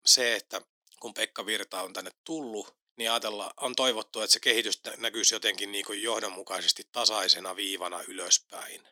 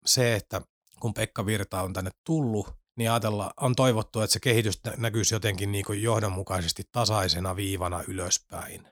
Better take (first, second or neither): second